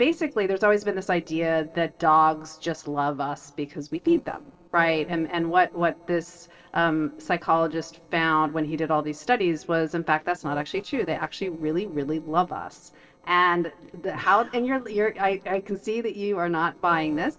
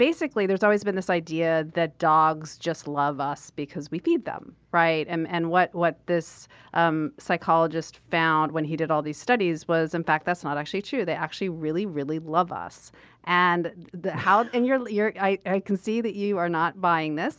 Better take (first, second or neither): second